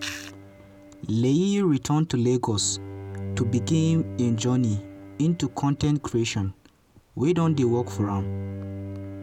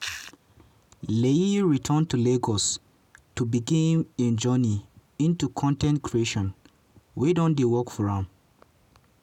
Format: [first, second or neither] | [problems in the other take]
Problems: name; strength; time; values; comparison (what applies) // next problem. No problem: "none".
second | background sound (Bowed string instrument); 11 dB below the speech